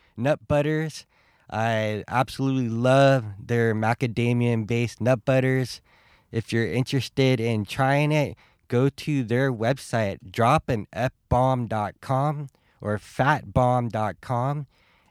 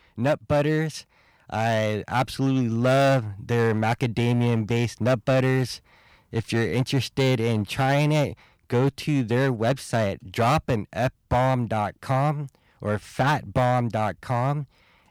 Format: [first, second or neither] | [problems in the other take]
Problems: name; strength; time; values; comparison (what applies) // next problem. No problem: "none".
first | distortion; slight; 8% of the sound clipped